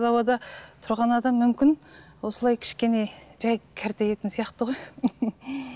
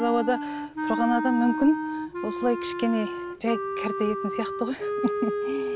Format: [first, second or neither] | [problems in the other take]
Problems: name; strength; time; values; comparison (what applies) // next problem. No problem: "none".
first | background sound (Wind instrument, woodwind instrument); 3 dB below the speech